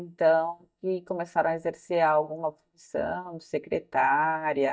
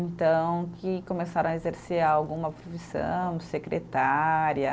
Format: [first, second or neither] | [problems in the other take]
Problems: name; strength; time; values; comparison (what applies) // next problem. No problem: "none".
second | noise reduction (neural mask model DeepFilterNet 3)